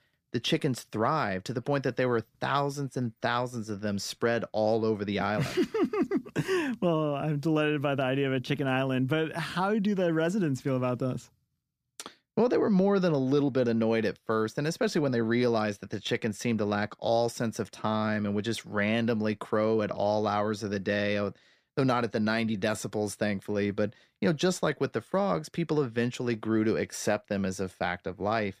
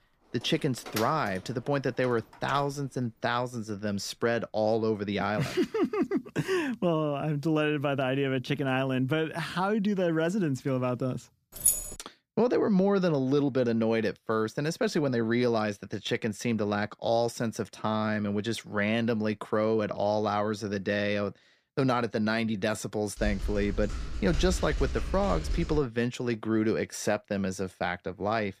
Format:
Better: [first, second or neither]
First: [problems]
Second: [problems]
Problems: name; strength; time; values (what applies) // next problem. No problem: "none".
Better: first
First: none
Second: door banging; noticeable; until 2.5 s; peak 8 dB below the speech // jangling keys; loud; at 12 s; peak 4 dB above the speech // keyboard typing; noticeable; from 23 to 26 s; peak 5 dB below the speech